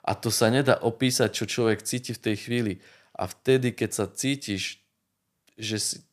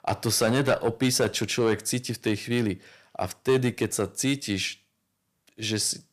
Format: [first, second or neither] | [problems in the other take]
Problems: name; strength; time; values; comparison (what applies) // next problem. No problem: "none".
first | distortion; slight; 10 dB below the speech